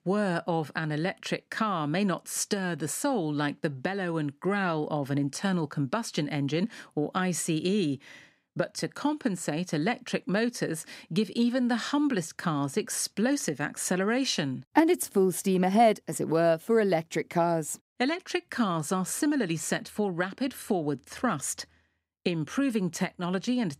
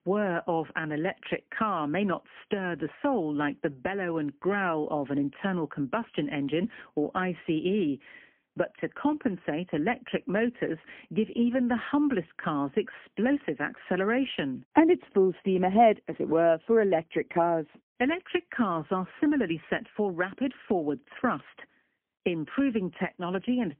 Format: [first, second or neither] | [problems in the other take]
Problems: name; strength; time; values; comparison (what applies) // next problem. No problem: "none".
first | phone-call audio; poor line; nothing above 3.5 kHz